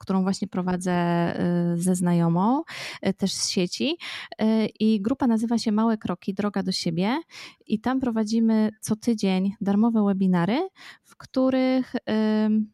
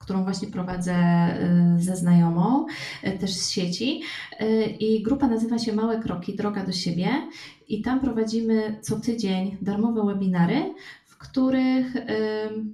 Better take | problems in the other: first | room echo; slight; dies away in 0.3 s // off-mic speech; far

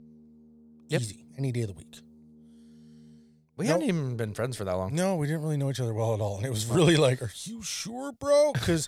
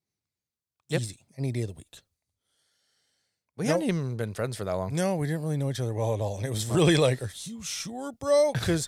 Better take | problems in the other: second | background music; faint; until 5 s; 25 dB below the speech

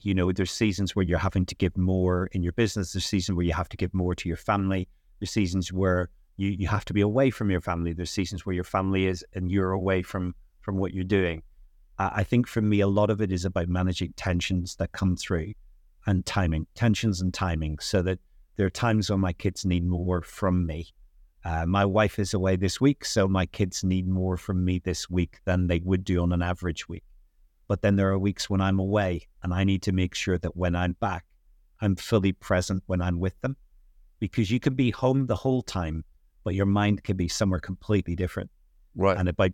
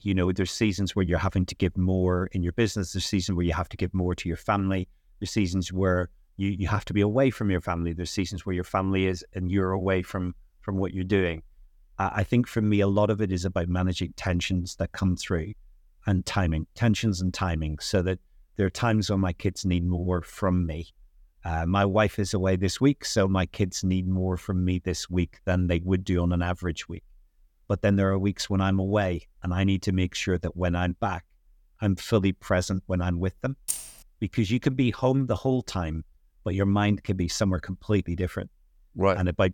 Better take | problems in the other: first | jangling keys; noticeable; at 34 s; peak 4 dB below the speech

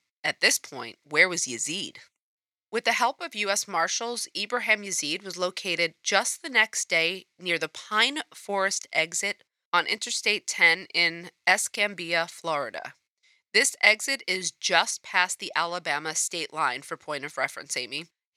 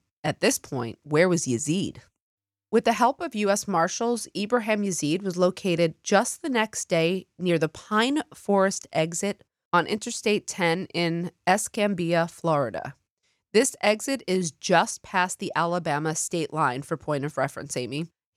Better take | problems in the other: second | thin; somewhat; fading below 1 kHz

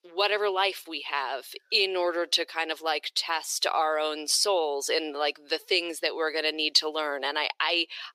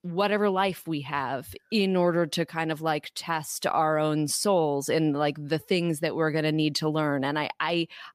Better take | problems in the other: second | thin; very; fading below 350 Hz

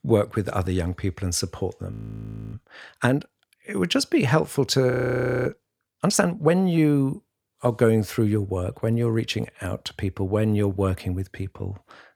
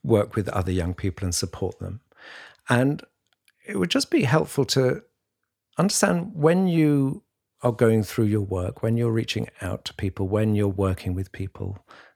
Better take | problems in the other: second | audio freezing; at 2 s for 0.5 s and at 5 s for 0.5 s

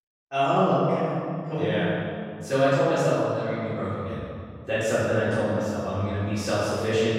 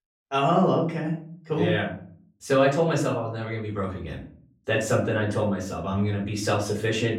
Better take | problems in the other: second | room echo; strong; dies away in 2.1 s; slight in the second // off-mic speech; far; far in the second

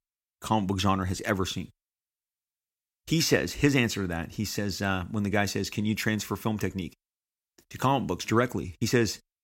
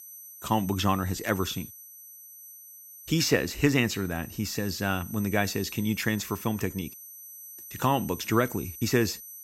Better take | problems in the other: first | high-pitched whine; noticeable; throughout; 12 kHz, 15 dB below the speech

